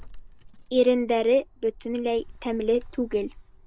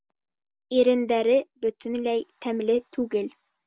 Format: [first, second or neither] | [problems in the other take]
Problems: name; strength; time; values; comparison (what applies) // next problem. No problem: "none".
second | background sound (Tearing / Wood); 18 dB below the speech